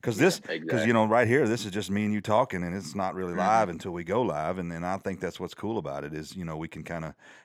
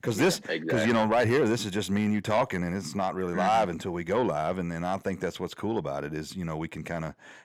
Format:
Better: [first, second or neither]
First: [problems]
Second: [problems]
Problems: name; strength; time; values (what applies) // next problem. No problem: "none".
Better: first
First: none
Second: distortion; slight; 10 dB below the speech